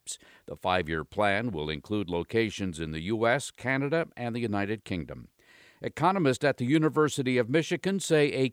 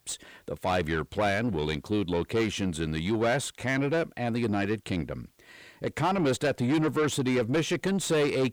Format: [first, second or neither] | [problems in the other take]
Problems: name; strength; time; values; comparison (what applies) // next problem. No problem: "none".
first | distortion; heavy; 8 dB below the speech